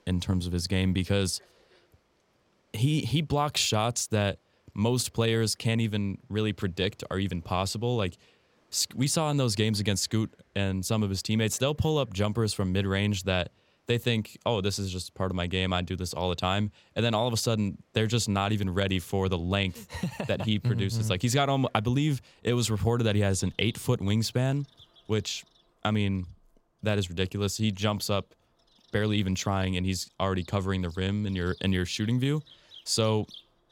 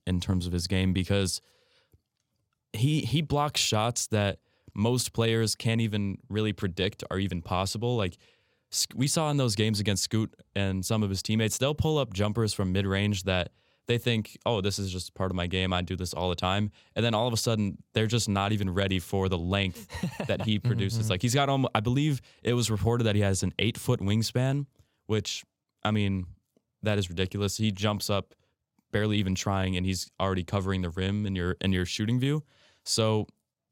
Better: second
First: animal sounds; faint; throughout; 30 dB below the speech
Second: none

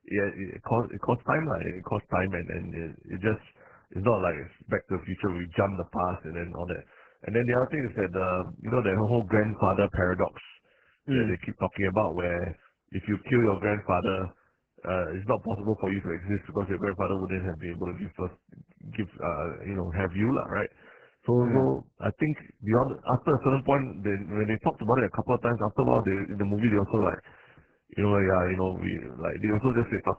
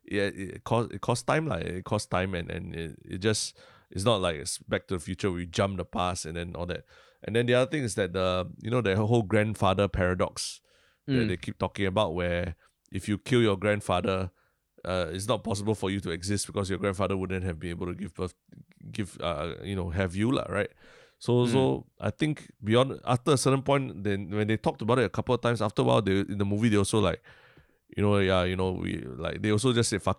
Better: second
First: garbled, watery; badly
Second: none

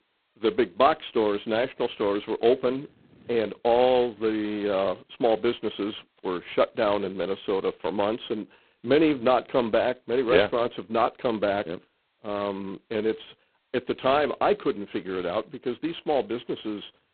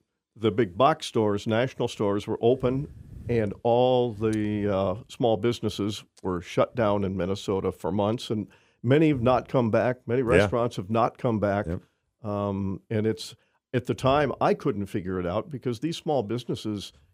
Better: second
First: phone-call audio; poor line; nothing above 4 kHz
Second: none

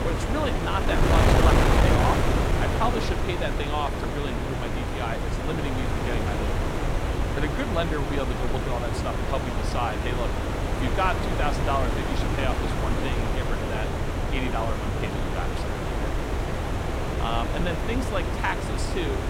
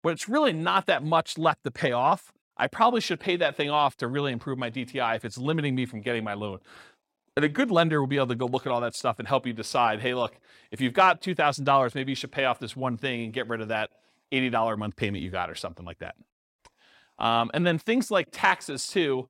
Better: second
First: wind noise on the microphone; heavy; 1 dB above the speech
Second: none

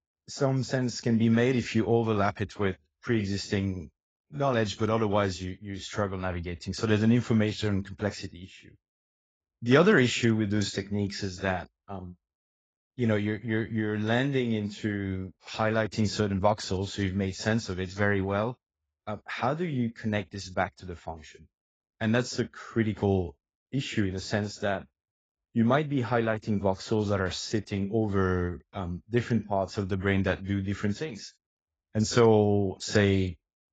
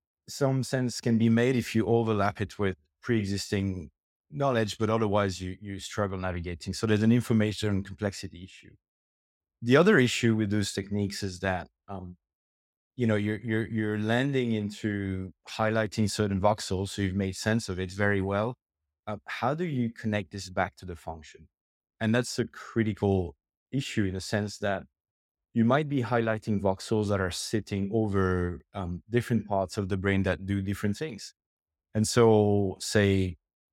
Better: second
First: garbled, watery; badly; nothing above 7.5 kHz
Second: none

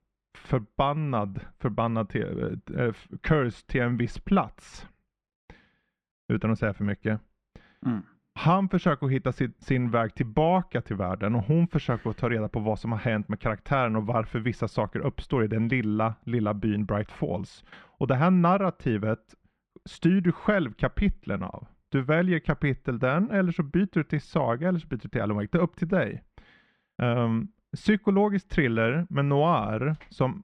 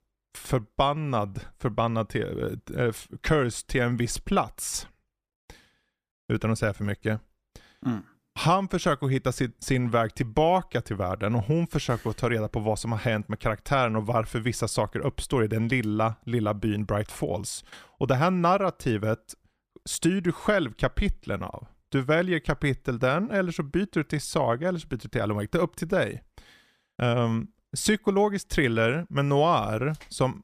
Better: second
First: muffled; slightly; fading above 2.5 kHz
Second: none

